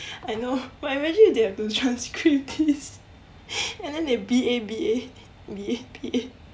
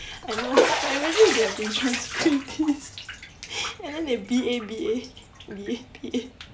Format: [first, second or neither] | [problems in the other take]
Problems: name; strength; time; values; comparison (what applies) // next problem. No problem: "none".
first | background sound (Bathtub (filling or washing)); 3 dB below the speech